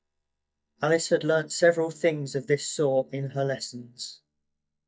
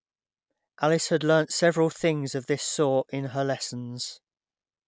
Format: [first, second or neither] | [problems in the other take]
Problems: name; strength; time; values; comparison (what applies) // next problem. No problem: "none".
second | noise reduction (neural mask model DeepFilterNet 3)